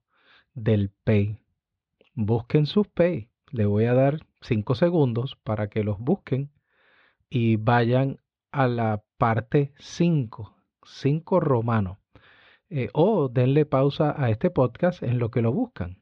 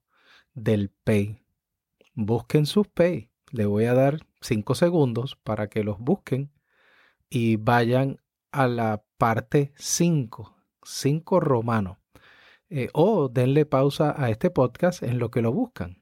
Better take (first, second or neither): second